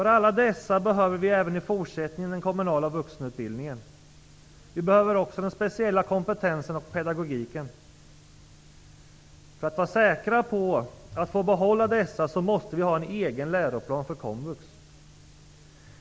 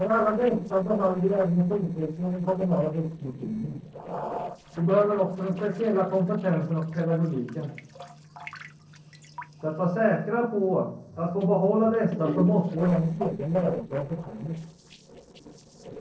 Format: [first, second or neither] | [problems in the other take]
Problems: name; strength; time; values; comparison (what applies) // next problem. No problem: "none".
first | noise reduction (neural separator model SepFormer DNS4)